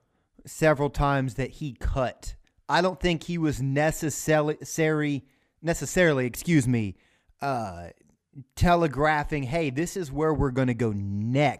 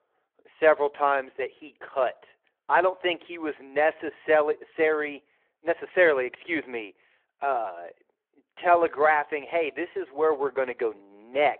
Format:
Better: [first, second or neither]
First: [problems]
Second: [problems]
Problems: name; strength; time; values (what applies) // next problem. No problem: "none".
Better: first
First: none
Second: phone-call audio